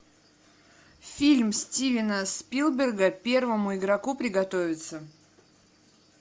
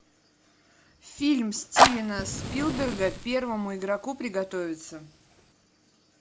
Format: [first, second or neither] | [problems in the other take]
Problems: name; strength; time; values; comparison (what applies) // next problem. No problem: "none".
first | background sound (Fire); 2 dB above the speech